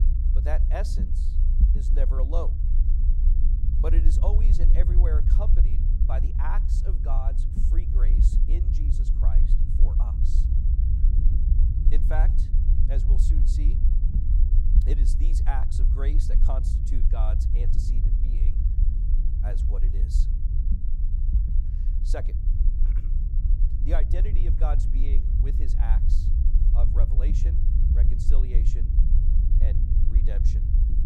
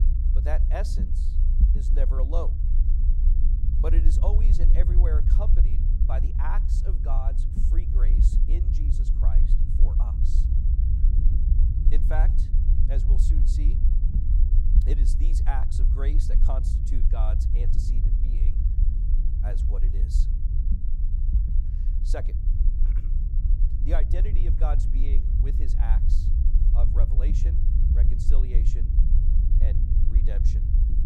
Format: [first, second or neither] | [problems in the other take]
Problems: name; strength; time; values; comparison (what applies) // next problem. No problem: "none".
neither | low rumble; loud; throughout; 4 dB below the speech; the same in both